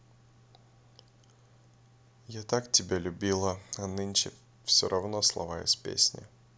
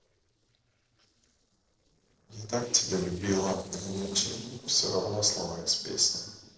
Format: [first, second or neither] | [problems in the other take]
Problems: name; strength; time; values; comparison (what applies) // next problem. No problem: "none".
first | noise reduction (neural separator model SepFormer DNS4)